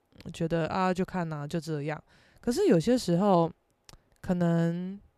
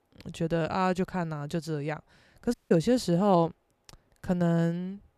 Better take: first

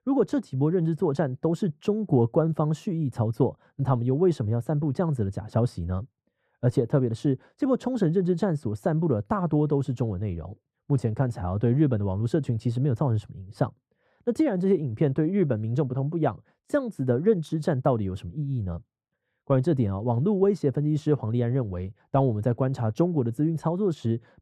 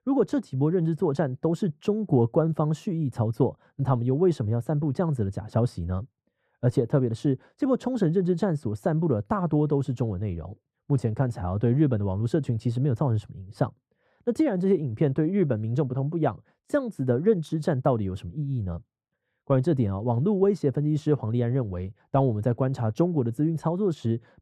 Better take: neither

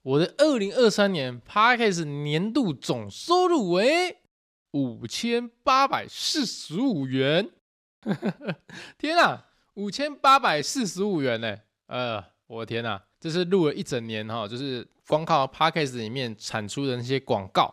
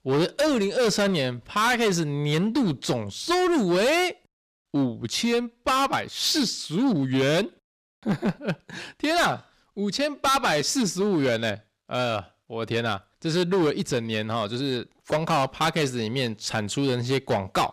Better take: first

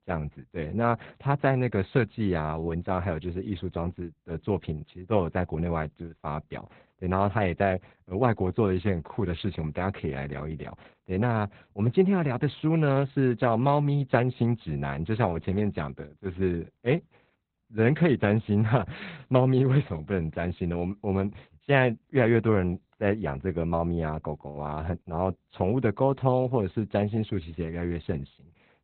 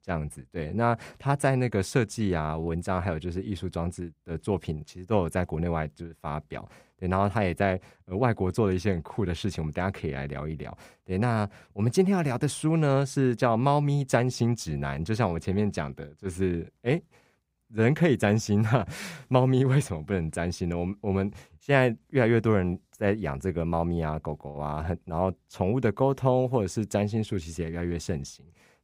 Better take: second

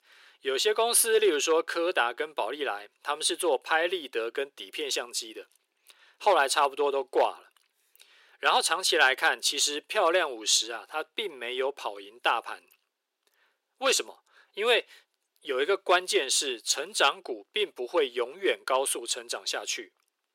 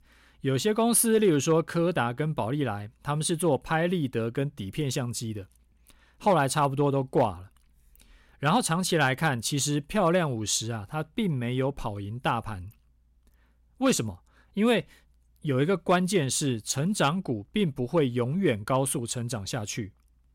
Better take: second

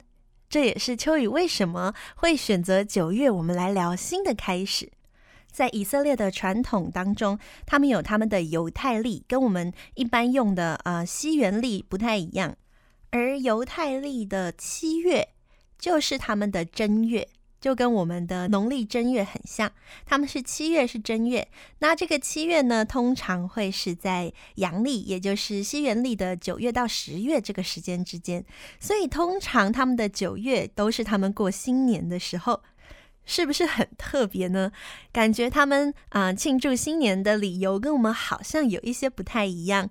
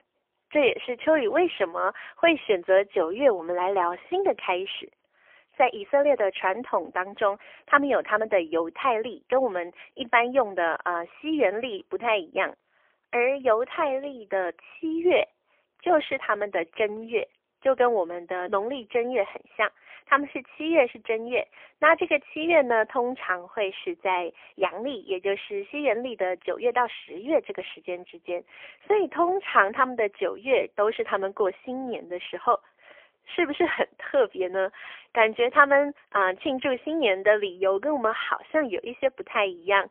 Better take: first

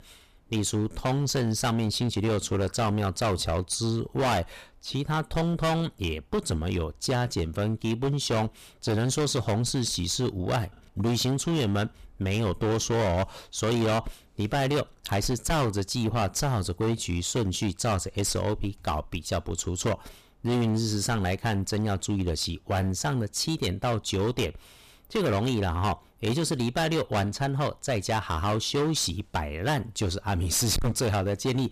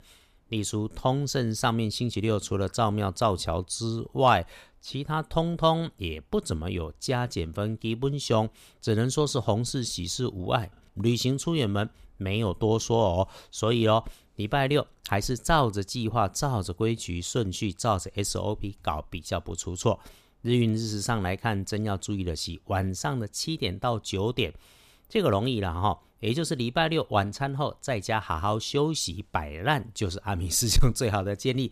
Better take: second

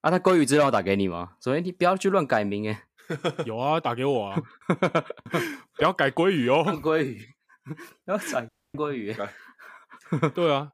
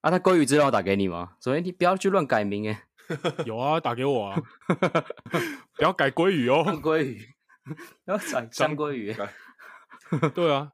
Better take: second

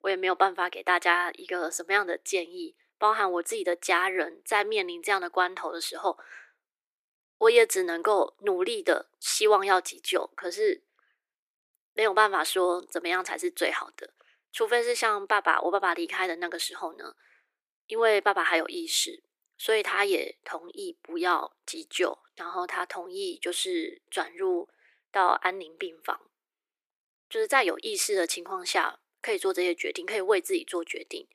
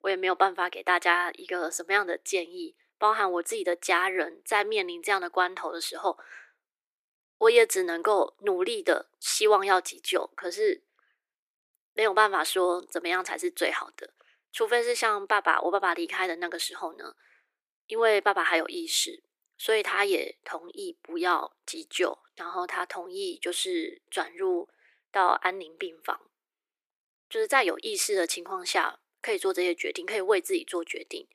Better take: neither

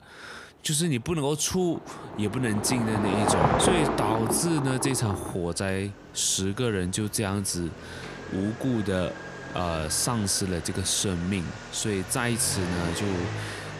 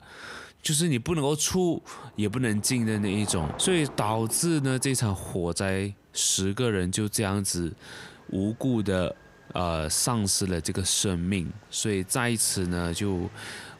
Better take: second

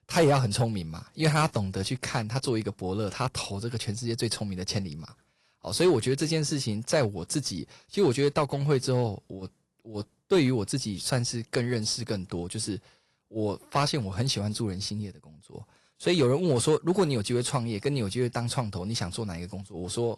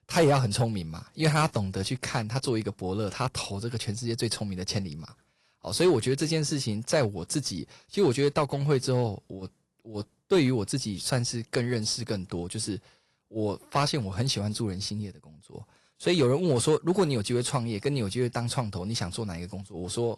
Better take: neither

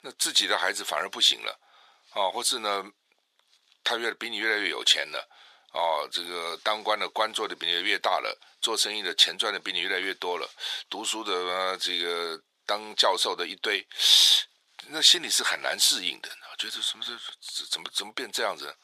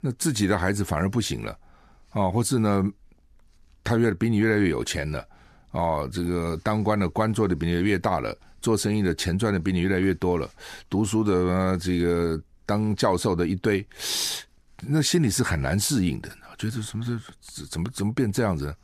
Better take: second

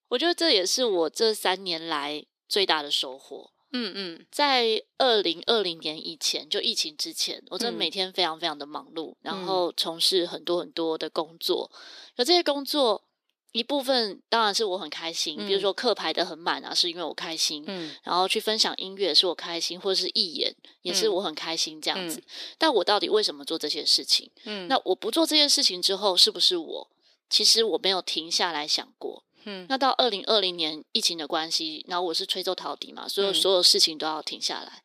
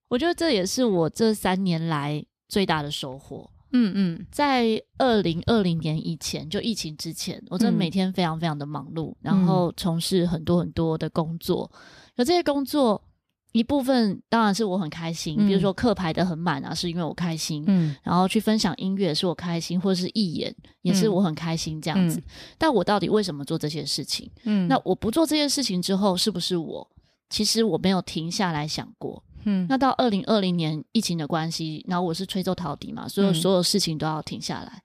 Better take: second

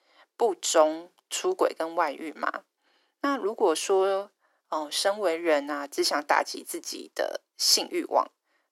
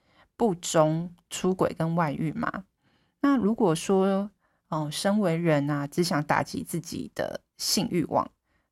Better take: second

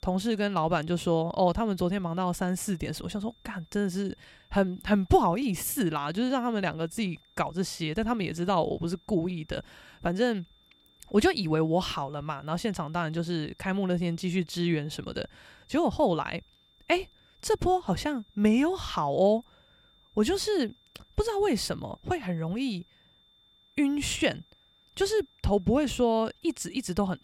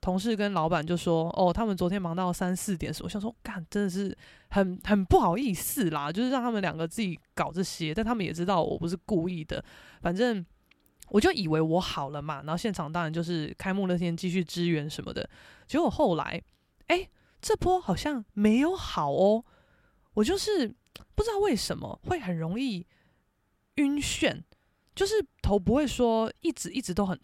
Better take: second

